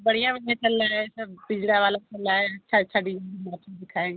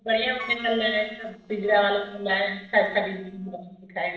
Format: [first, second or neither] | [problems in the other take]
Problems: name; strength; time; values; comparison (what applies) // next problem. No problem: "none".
first | noise reduction (neural separator model SepFormer DNS4)